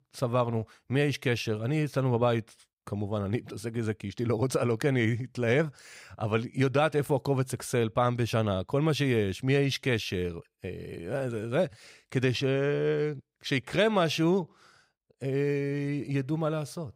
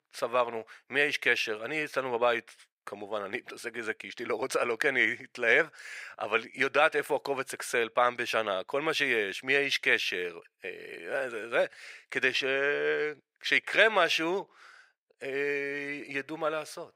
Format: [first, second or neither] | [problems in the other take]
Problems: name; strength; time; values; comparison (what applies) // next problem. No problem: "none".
first | thin; very; fading below 500 Hz